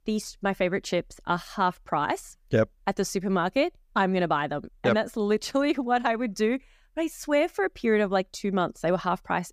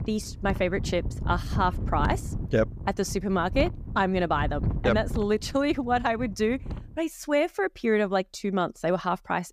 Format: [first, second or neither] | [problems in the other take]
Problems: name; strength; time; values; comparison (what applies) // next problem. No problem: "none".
first | wind noise on the microphone; occasional gusts; until 7 s; 15 dB below the speech